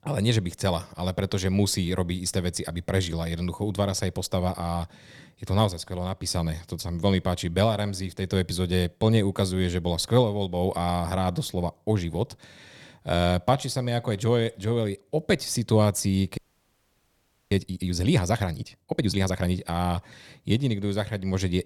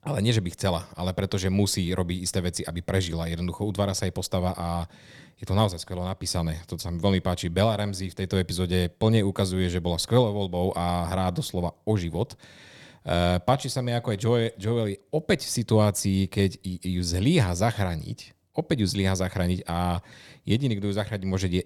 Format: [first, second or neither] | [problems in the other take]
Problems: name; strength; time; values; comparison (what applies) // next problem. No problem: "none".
second | audio freezing; at 16 s for 1 s